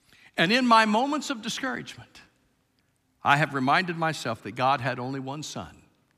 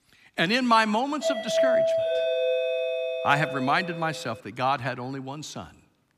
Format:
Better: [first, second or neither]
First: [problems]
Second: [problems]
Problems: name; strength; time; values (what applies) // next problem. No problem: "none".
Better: first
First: none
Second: doorbell; loud; from 1 to 4 s; peak 4 dB above the speech